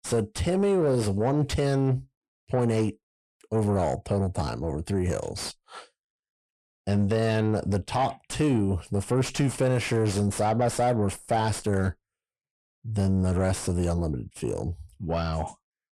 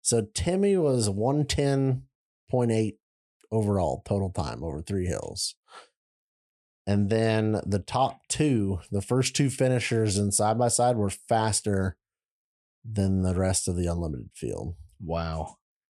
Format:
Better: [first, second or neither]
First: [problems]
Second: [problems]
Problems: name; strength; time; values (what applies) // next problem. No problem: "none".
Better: second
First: distortion; slight; 10 dB below the speech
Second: none